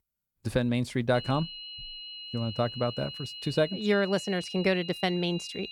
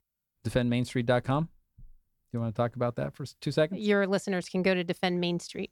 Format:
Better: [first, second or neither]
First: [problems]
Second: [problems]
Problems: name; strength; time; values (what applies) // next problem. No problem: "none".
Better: second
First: high-pitched whine; loud; from 1 s on; 3 kHz, 10 dB below the speech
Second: none